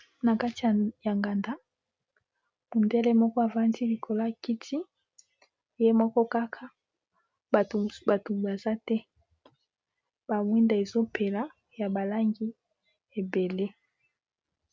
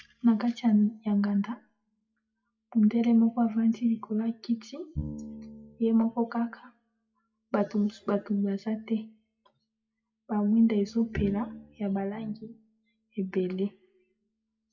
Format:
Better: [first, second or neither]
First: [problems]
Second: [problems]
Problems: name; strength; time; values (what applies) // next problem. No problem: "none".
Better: first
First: none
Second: noise reduction (classical method WPE with log-MMSE)